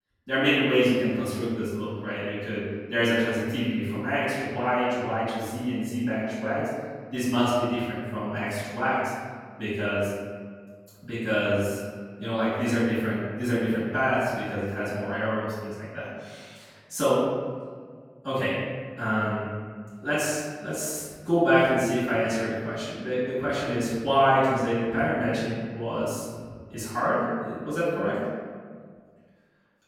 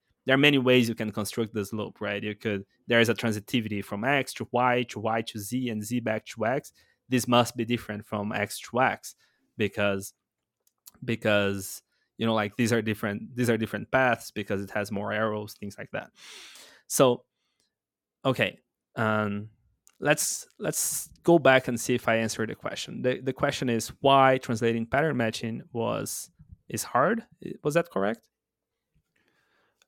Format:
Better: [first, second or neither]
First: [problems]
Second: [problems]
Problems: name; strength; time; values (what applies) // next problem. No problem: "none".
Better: second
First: off-mic speech; far // room echo; strong; dies away in 1.6 s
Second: none